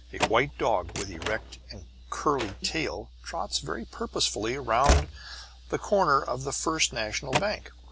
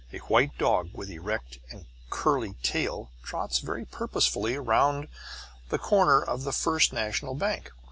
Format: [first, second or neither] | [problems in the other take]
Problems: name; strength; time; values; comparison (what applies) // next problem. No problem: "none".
second | background sound (Slam / Train); 5 dB below the speech